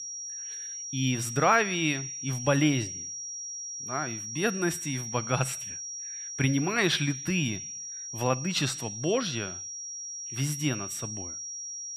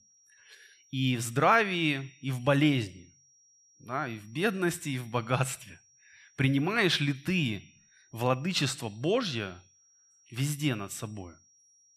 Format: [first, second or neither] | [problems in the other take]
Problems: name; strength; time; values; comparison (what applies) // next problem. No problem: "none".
second | high-pitched whine; loud; throughout; 5.5 kHz, 7 dB below the speech; faint in the second